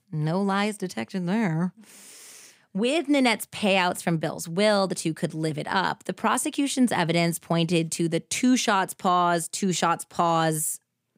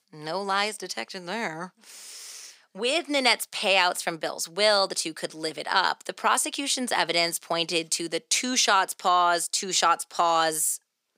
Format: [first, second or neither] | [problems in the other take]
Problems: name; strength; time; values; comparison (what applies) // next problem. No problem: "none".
first | thin; somewhat; fading below 500 Hz